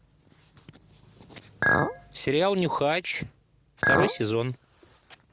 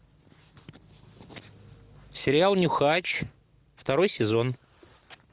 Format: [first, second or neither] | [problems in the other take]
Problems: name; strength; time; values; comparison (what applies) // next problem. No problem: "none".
second | background sound (Chink, clink); 3 dB above the speech